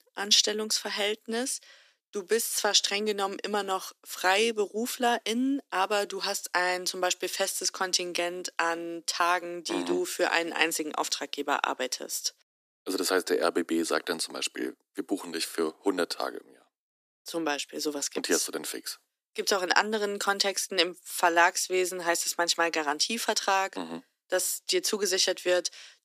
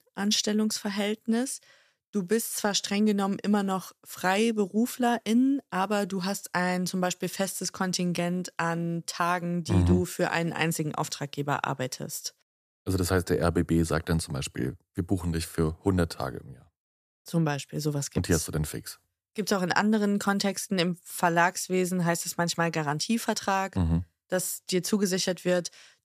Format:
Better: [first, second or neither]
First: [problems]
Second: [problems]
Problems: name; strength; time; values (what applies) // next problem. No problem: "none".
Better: second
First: thin; somewhat; fading below 300 Hz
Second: none